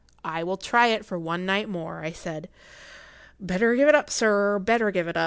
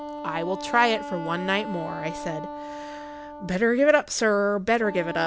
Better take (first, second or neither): first